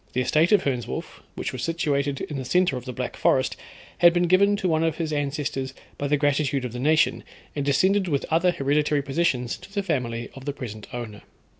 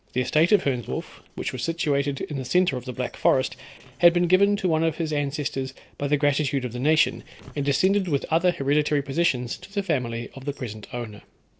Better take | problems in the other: first | noise reduction (neural separator model SepFormer DNS4)

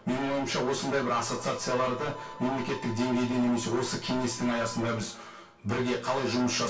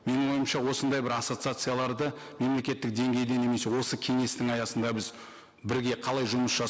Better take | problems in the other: second | background sound (Harmonica); 17 dB below the speech // room echo; dies away in 0.2 s

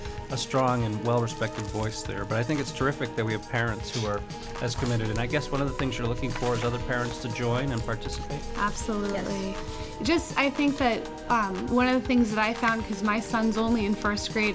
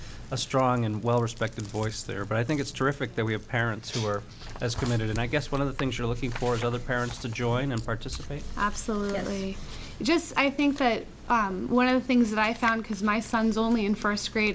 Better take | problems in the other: second | background sound (Piano / Organ); 10 dB below the speech

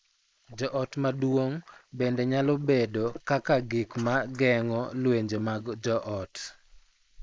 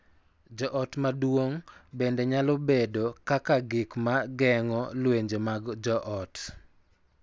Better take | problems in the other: second | noise reduction (neural mask model Resemble Enhance denoiser)

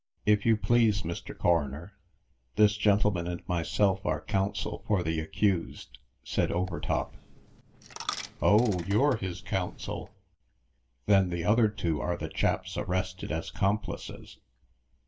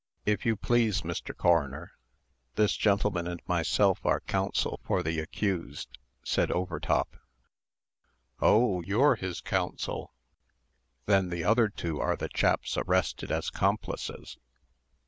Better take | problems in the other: second | background sound (Coin (dropping)); 15 dB below the speech // room echo; dies away in 0.2 s

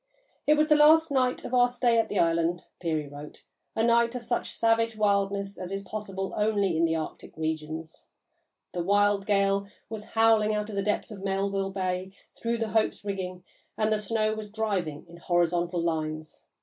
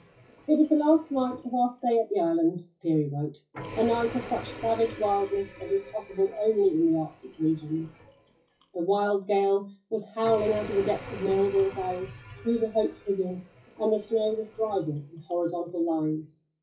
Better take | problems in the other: first | noise reduction (classical method WPE with log-MMSE)

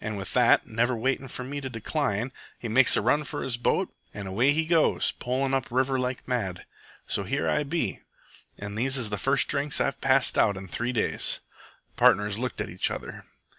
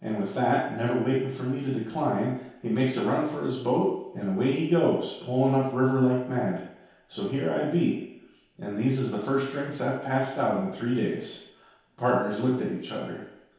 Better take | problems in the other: first | room echo; dies away in 0.8 s

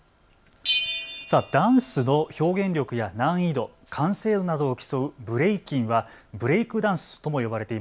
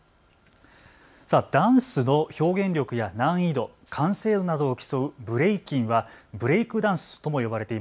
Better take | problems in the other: second | background sound (Bell); 13 dB below the speech

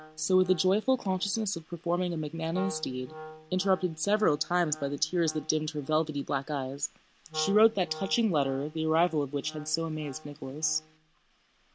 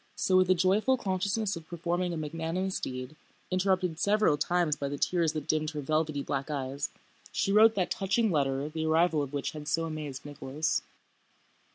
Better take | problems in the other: second | background sound (Wind instrument, woodwind instrument); 18 dB below the speech

